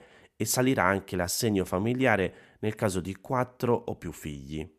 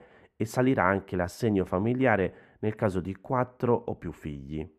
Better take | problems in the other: first | muffled; very; fading above 3 kHz

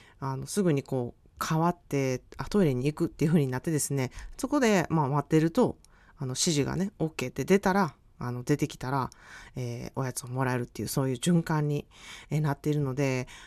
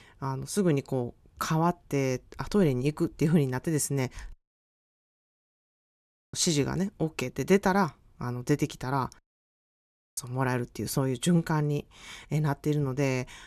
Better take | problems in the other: first | audio cutting out; at 4.5 s for 2 s and at 9 s for 1 s

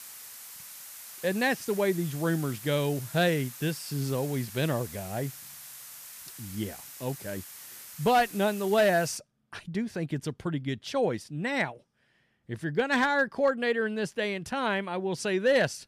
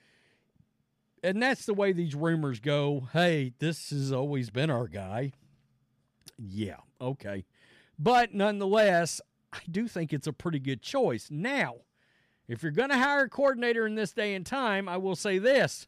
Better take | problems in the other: second | hiss; noticeable; until 9 s; 15 dB below the speech

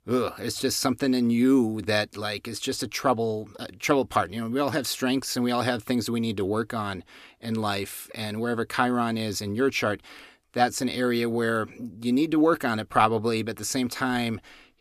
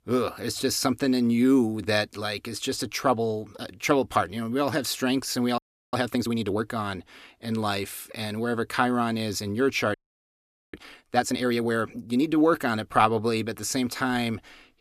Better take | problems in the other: first | audio freezing; at 5.5 s and at 10 s for 1 s

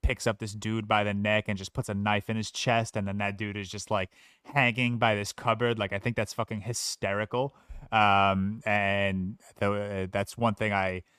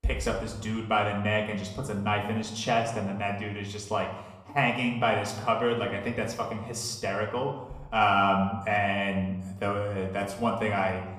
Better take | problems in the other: first | room echo; slight; dies away in 0.8 s // off-mic speech; somewhat distant

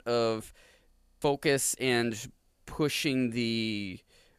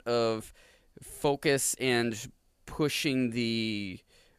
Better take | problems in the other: second | audio freezing; at 1 s

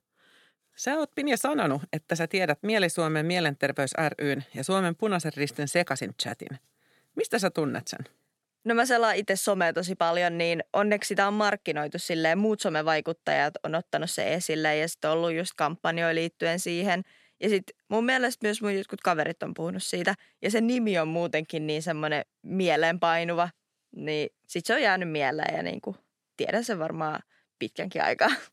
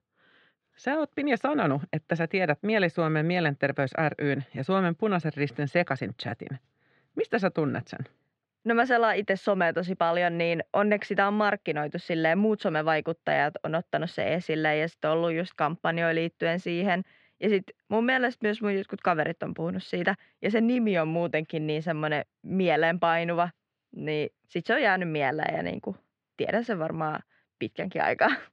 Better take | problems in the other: first | muffled; slightly; fading above 3 kHz

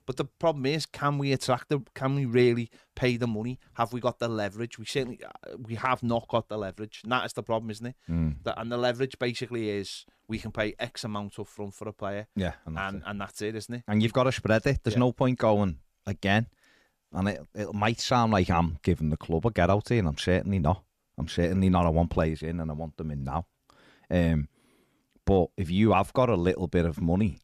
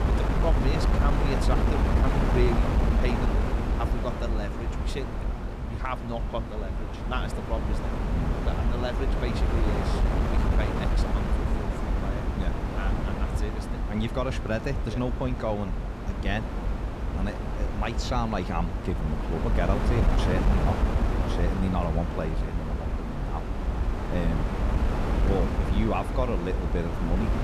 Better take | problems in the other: first | wind noise on the microphone; heavy; as loud as the speech

